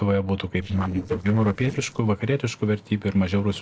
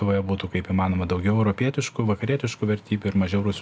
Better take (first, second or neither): second